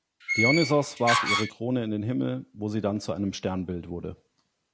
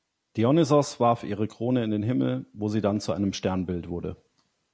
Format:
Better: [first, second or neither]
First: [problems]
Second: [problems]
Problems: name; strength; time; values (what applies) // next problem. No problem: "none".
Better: second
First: background sound (Door); 1 dB above the speech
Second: none